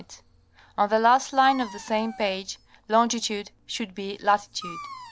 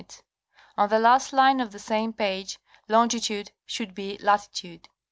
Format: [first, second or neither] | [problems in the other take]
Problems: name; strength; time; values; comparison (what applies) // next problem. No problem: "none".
second | background sound (Dog); 19 dB below the speech